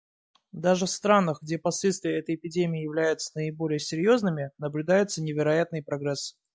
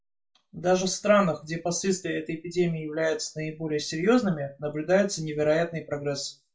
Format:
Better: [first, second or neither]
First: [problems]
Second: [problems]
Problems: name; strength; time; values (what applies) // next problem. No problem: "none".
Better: first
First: none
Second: room echo; dies away in 0.2 s